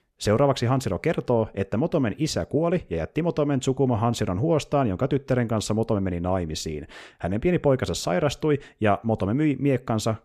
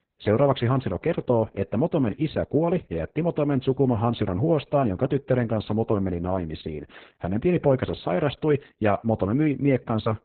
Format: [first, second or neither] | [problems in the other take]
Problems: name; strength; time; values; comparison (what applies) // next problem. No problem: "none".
first | garbled, watery; badly; nothing above 4 kHz